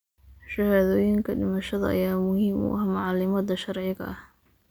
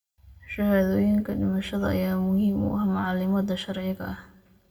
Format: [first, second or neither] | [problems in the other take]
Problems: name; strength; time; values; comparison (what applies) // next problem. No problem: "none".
first | room echo; dies away in 0.8 s